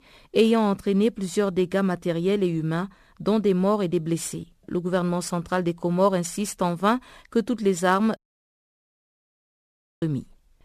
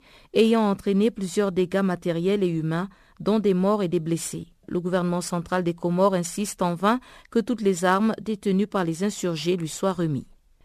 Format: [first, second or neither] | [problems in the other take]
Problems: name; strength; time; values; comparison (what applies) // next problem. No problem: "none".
second | audio cutting out; at 8 s for 2 s